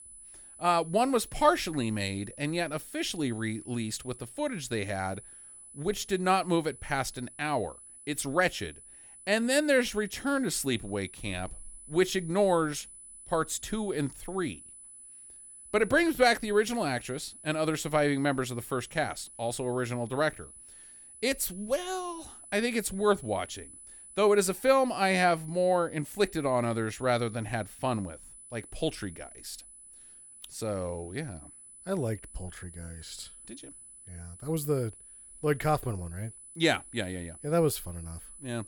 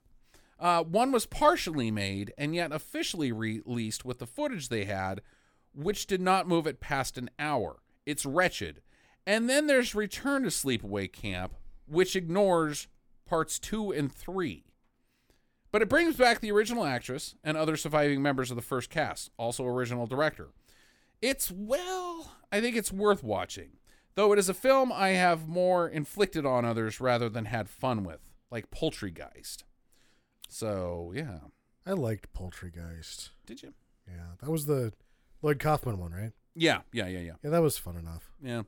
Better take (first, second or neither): second